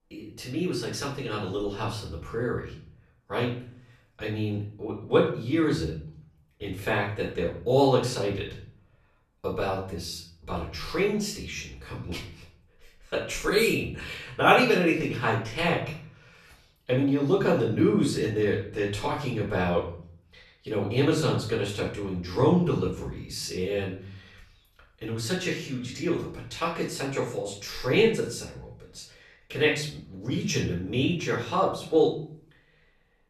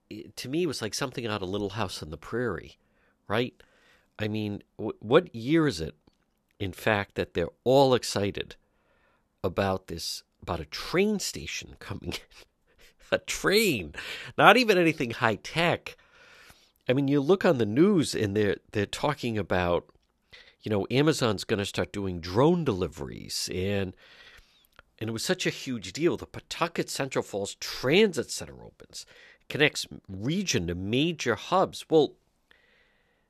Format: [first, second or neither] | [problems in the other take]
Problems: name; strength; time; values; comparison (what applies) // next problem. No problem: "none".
second | off-mic speech; far // room echo; slight; dies away in 0.6 s